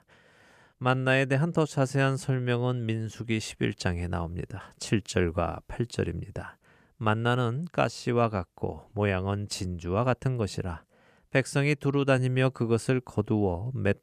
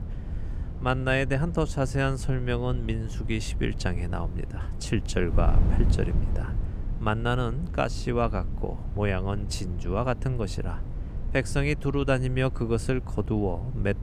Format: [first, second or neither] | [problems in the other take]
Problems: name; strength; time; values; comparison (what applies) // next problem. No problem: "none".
first | wind noise on the microphone; occasional gusts; 15 dB below the speech